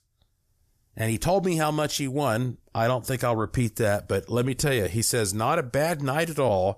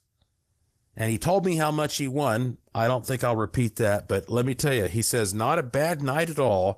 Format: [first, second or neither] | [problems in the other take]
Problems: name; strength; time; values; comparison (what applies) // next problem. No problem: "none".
first | garbled, watery; slightly; nothing above 14.5 kHz